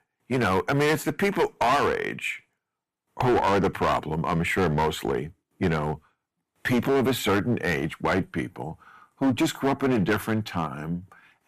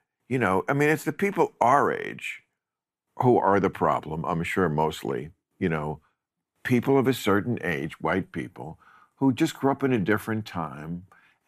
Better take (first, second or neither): second